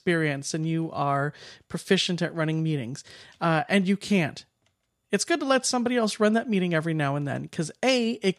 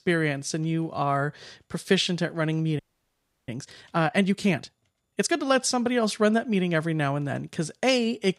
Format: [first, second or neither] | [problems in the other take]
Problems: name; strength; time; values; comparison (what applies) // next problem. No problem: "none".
first | audio freezing; at 3 s for 0.5 s